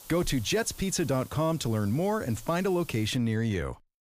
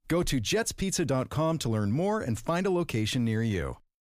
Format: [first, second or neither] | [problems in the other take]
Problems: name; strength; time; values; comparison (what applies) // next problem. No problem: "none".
second | hiss; noticeable; until 3 s; 20 dB below the speech